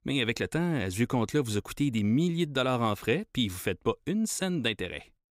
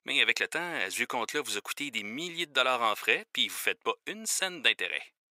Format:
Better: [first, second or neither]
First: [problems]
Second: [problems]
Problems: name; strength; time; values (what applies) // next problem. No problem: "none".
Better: first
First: none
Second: thin; very; fading below 700 Hz